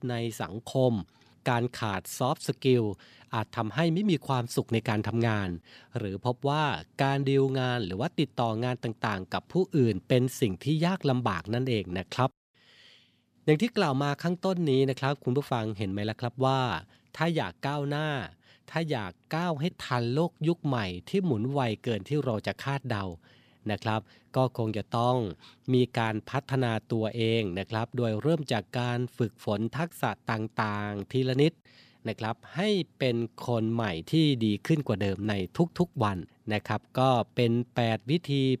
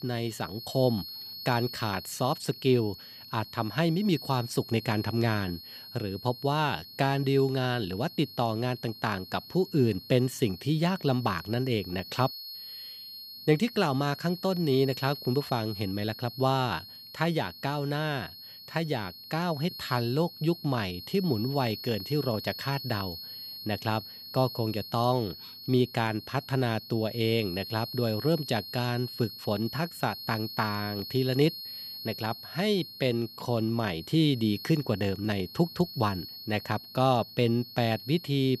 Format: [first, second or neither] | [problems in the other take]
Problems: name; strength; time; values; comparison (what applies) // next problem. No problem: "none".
first | high-pitched whine; noticeable; throughout; 4.5 kHz, 10 dB below the speech